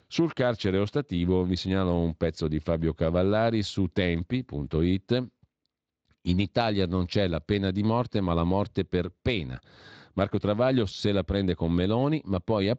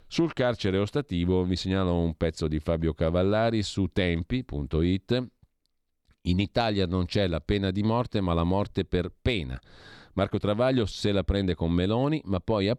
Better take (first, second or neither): second